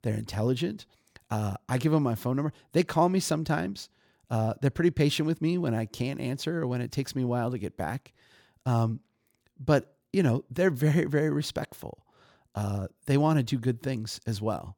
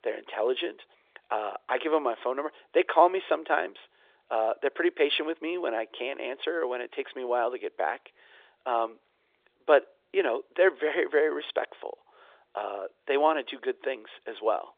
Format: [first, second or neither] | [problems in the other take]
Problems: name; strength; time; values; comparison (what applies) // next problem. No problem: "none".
first | phone-call audio; nothing above 3.5 kHz